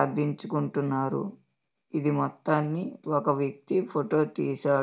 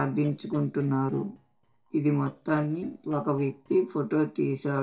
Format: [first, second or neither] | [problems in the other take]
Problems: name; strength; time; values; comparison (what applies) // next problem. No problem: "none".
first | noise reduction (neural separator model SepFormer DNS4)